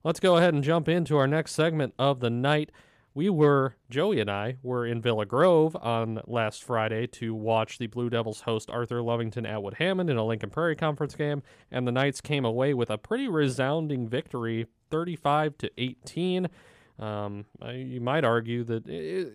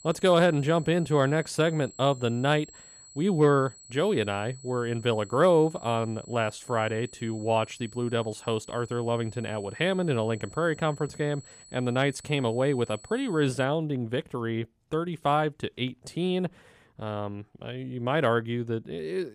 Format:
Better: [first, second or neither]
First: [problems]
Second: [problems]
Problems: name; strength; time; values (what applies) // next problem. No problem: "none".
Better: first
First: none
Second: high-pitched whine; faint; until 14 s; 8 kHz, 20 dB below the speech